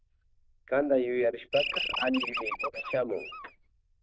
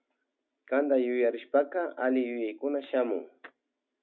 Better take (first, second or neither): second